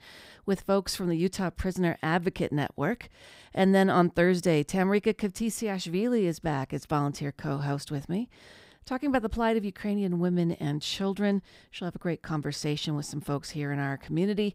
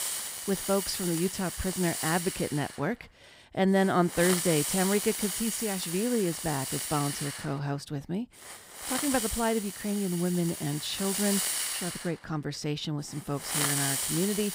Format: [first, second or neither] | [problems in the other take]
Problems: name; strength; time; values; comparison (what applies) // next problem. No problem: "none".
first | hiss; loud; throughout; 1 dB below the speech